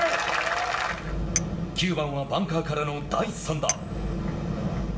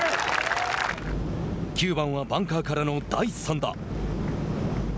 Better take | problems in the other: second | background sound (Chink, clink); 11 dB below the speech // room echo; dies away in 2 s

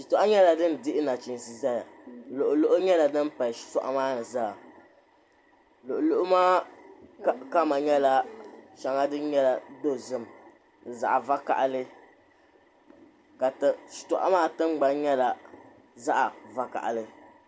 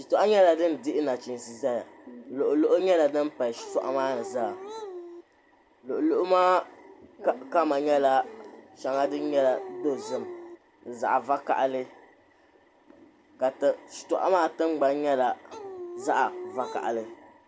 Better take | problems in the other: first | background sound (Dog); 12 dB below the speech

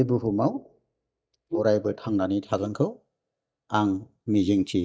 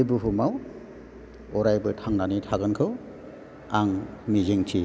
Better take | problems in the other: second | noise reduction (neural mask model DeepFilterNet 3)

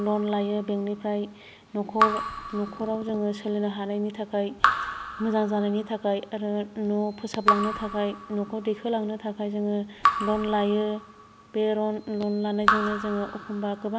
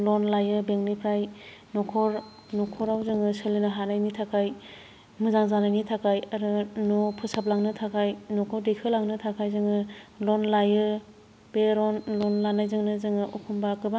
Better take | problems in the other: second | background sound (Raindrop / Drip); 4 dB below the speech

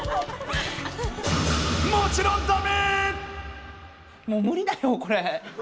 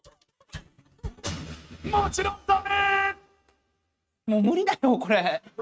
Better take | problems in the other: first | noise reduction (neural mask model RNNoise)

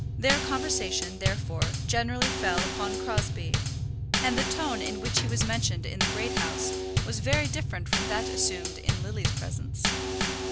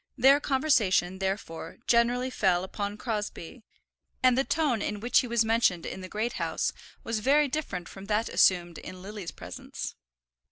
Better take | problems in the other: second | background sound (Bass drum / Snare drum / Drum kit); 4 dB above the speech

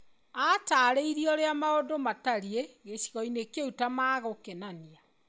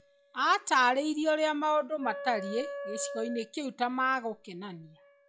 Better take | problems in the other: first | noise reduction (classical method log-MMSE)

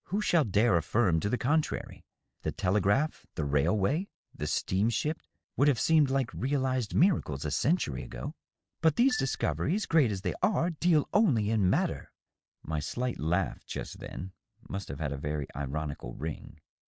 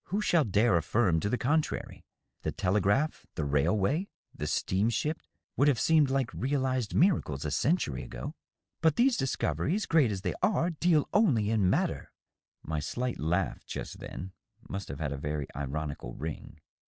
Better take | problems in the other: second | background sound (Marimba, xylophone); 19 dB below the speech

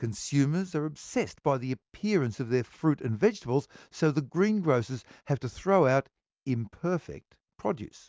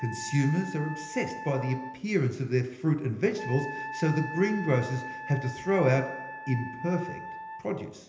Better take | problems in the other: first | background sound (Wind instrument, woodwind instrument); 11 dB below the speech // room echo; dies away in 1.4 s

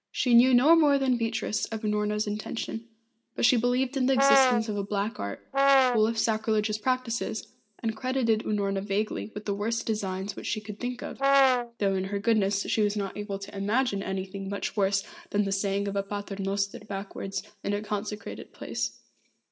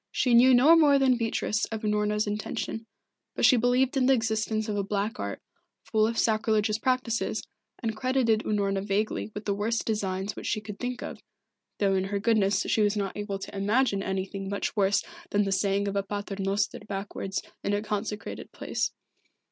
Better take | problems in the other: second | background sound (Brass instrument); 3 dB above the speech // room echo; dies away in 0.5 s

